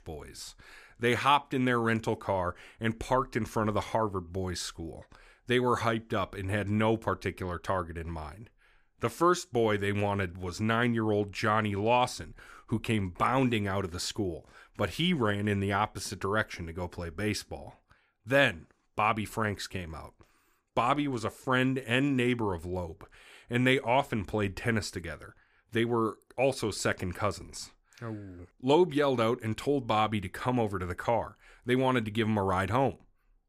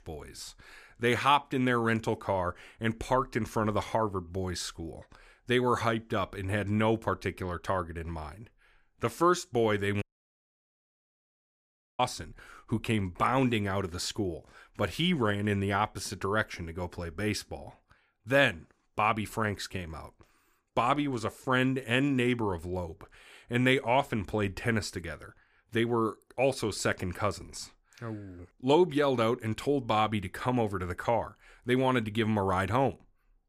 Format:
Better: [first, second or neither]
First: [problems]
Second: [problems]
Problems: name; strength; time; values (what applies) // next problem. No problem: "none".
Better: first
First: none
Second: audio cutting out; at 10 s for 2 s